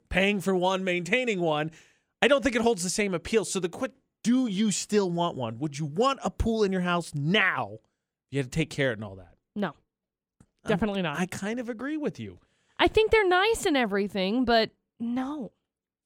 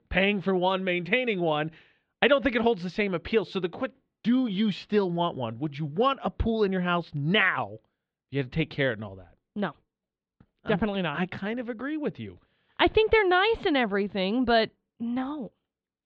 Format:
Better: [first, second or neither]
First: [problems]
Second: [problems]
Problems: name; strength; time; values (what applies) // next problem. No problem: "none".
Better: first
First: none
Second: muffled; slightly; fading above 4 kHz